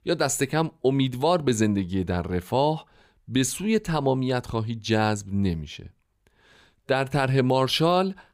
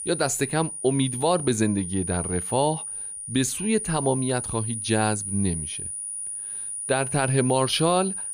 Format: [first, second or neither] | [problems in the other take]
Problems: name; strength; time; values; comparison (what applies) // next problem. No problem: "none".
first | high-pitched whine; loud; throughout; 9.5 kHz, 5 dB below the speech